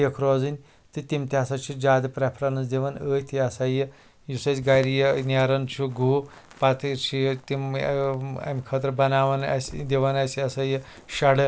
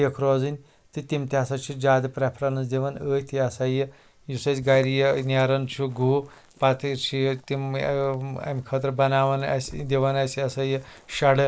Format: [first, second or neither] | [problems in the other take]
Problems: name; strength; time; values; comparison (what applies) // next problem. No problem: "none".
first | noise reduction (neural mask model Resemble Enhance denoiser)